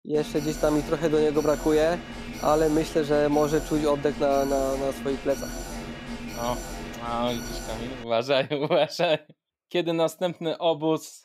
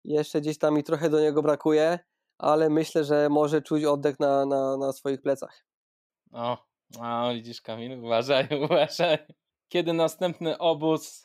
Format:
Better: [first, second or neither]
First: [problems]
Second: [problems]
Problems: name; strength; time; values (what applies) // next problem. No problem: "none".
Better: second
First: alarm; noticeable; until 8 s; peak 9 dB below the speech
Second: none